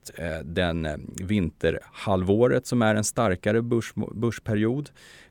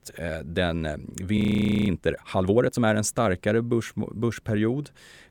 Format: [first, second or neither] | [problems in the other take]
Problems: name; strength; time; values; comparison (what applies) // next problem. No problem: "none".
first | audio freezing; at 1.5 s for 0.5 s